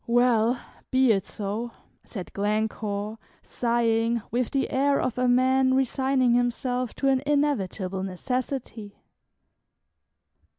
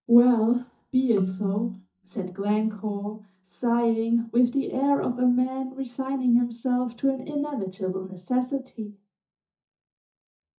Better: first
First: none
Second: noise reduction (neural mask model DeepFilterNet 3)

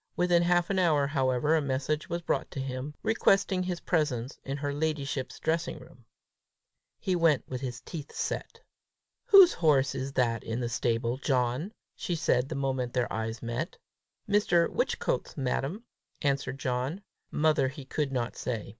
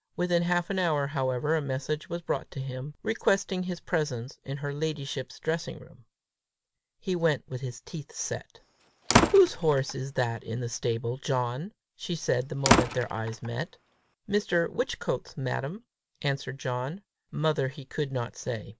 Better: first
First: none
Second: background sound (Slam); as loud as the speech

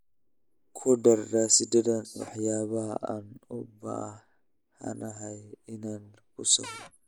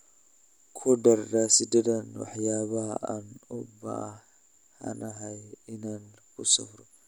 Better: second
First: noise reduction (neural mask model Resemble Enhance denoiser)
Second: none

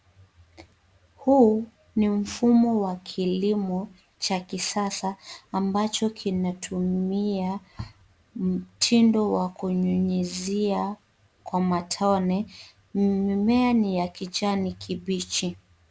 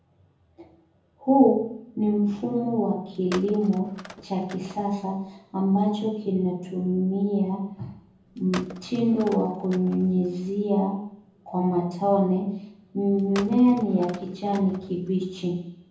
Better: first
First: none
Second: background sound (Telephone); 18 dB below the speech // room echo; dies away in 0.7 s

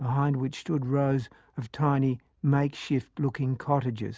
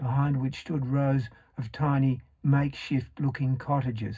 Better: first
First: none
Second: room echo; dies away in 0.4 s

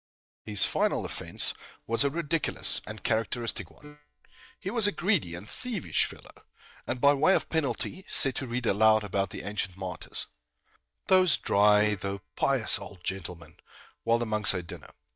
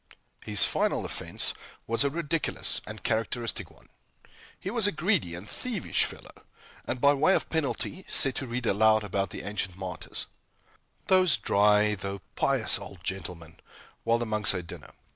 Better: second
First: noise reduction (neural mask model DeepFilterNet 3)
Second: none

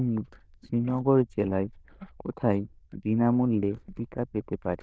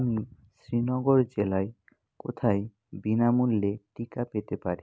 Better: second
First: noise reduction (neural diffusion model UNIVERSE++)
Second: none

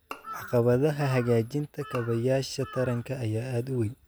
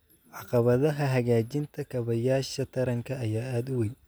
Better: second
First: background sound (Bowed string instrument + Bird vocalization, bird call, bird song / Crow); 17 dB below the speech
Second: none

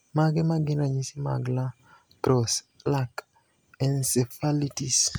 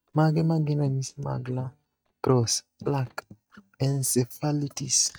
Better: first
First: none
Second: noise reduction (neural mask model DeepFilterNet 3)

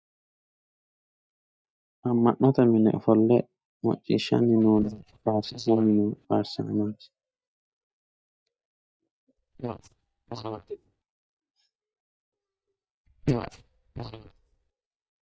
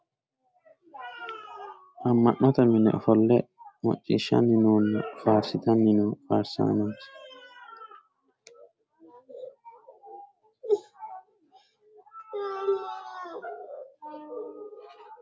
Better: second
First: noise reduction (neural mask model DeepFilterNet 3)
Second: none

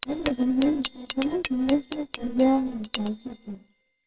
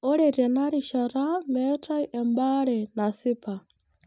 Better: second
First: noise reduction (neural separator model SepFormer WHAMR!)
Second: none

